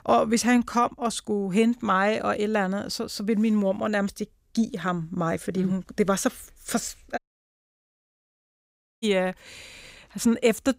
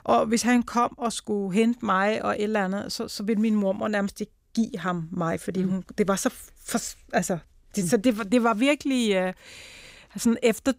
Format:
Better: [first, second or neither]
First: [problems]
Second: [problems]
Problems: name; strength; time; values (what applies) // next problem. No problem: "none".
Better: second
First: audio cutting out; at 7 s for 2 s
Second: none